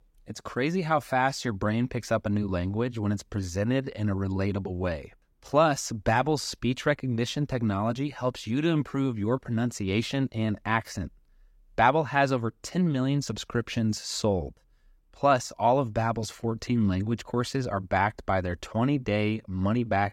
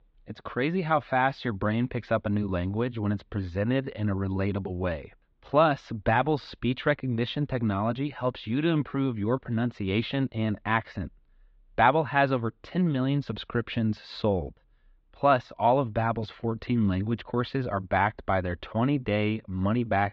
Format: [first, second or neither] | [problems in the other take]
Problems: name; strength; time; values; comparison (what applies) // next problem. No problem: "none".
first | muffled; slightly; fading above 3.5 kHz